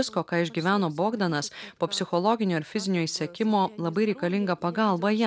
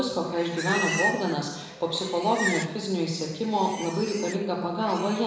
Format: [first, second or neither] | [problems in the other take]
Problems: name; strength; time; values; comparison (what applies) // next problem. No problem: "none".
first | background sound (Livestock, farm animals, working animals); 8 dB below the speech // room echo; dies away in 1 s